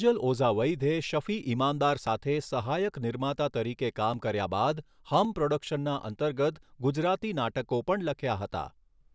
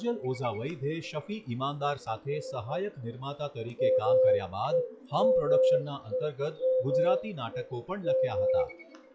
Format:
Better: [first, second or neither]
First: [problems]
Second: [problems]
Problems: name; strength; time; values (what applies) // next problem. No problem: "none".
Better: first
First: none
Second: noise reduction (classical method log-MMSE)